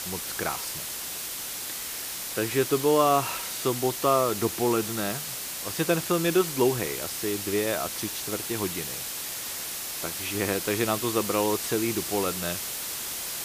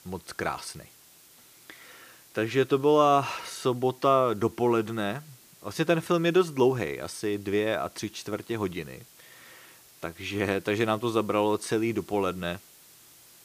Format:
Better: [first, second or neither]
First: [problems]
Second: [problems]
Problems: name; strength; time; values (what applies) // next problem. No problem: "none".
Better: second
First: hiss; loud; throughout; 4 dB below the speech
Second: hiss; faint; throughout; 25 dB below the speech